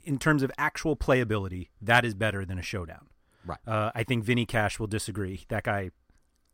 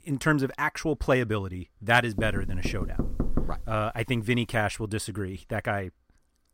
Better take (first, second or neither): first